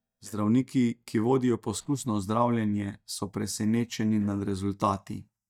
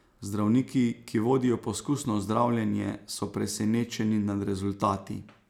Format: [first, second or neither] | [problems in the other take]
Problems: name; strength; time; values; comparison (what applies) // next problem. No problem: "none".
second | noise reduction (neural mask model DeepFilterNet 3)